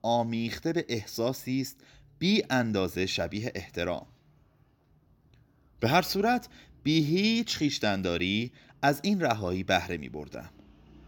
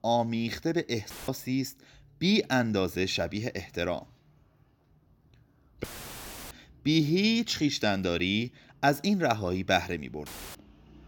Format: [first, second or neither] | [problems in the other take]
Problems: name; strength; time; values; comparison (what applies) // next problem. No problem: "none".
first | audio cutting out; filled with static; at 1 s, at 6 s for 0.5 s and at 10 s